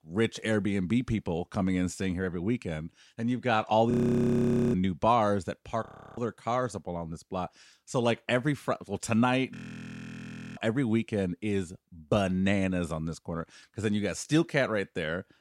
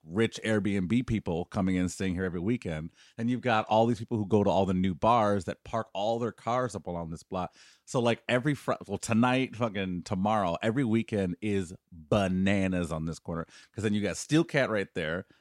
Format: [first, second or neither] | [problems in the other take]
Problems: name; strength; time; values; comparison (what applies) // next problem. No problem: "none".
second | audio freezing; at 4 s for 1 s, at 6 s and at 9.5 s for 1 s